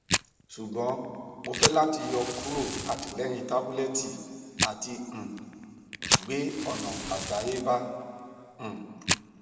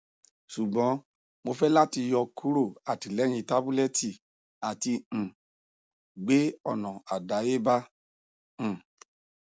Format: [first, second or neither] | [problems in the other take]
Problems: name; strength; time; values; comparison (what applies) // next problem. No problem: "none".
second | background sound (Fire); 2 dB below the speech // room echo; dies away in 2 s